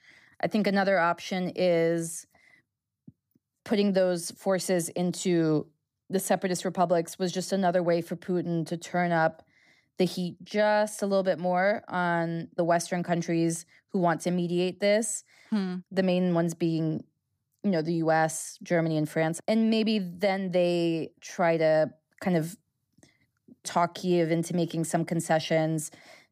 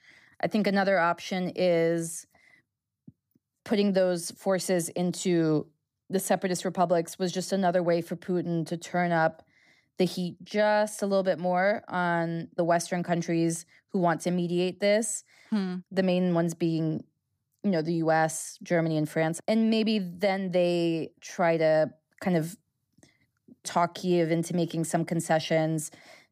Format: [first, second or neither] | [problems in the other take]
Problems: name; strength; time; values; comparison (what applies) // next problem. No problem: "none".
neither | none